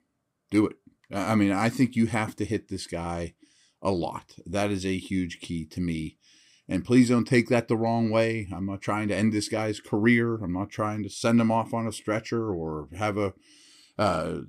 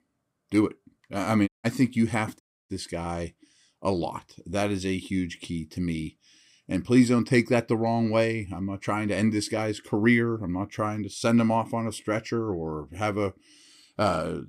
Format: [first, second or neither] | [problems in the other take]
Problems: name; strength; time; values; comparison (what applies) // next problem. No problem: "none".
first | audio cutting out; at 1.5 s and at 2.5 s